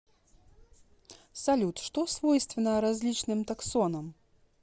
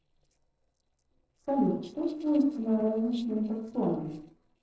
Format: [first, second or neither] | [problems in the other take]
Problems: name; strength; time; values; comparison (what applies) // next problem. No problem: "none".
first | noise reduction (neural separator model SepFormer DNS4)